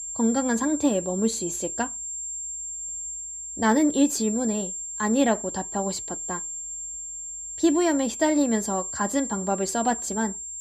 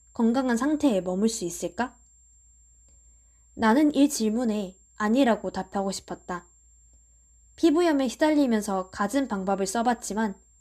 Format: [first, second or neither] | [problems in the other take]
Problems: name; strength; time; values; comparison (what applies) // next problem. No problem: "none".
second | high-pitched whine; loud; throughout; 7.5 kHz, 6 dB below the speech; faint in the second